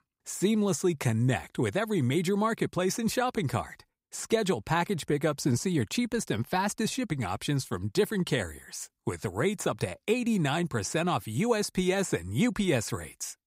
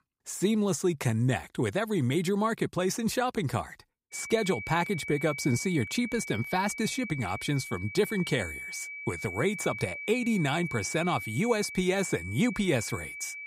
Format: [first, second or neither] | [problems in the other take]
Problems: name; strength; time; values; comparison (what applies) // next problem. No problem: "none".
first | high-pitched whine; loud; from 4 s on; 2.5 kHz, 8 dB below the speech